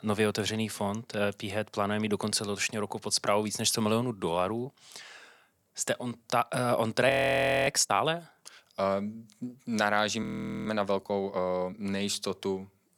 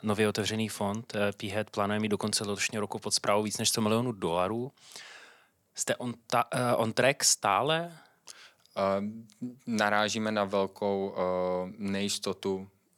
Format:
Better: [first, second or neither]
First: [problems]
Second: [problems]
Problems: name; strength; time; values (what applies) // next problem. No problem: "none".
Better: second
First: audio freezing; at 7 s for 0.5 s and at 10 s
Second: none